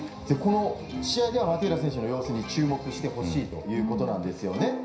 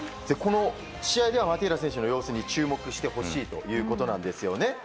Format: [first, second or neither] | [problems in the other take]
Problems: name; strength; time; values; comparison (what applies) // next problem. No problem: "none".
second | background sound (Plucked string instrument); 12 dB below the speech // room echo; dies away in 0.5 s